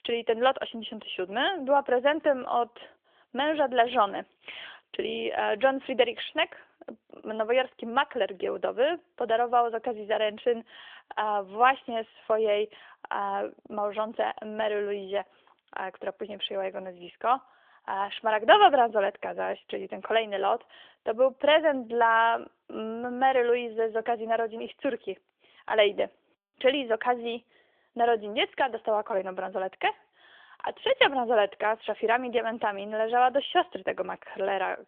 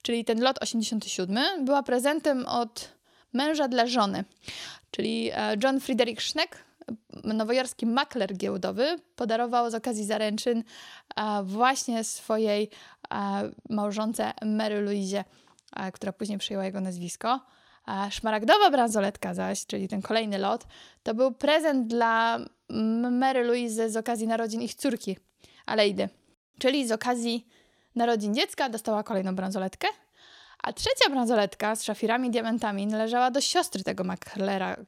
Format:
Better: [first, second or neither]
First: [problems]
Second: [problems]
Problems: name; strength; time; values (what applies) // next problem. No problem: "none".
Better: second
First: phone-call audio; nothing above 3.5 kHz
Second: none